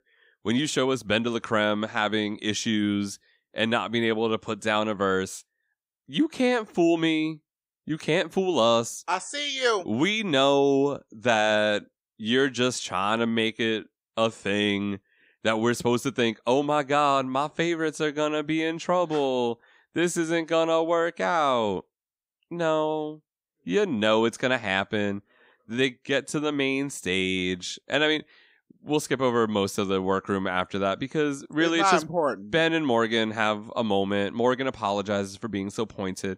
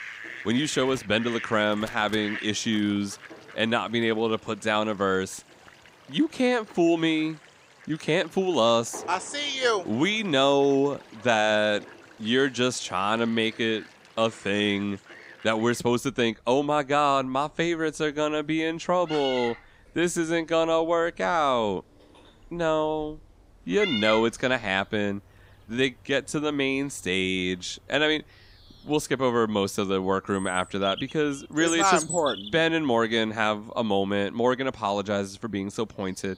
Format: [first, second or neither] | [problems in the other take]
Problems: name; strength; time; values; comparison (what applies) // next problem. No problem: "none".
first | animal sounds; noticeable; throughout; 15 dB below the speech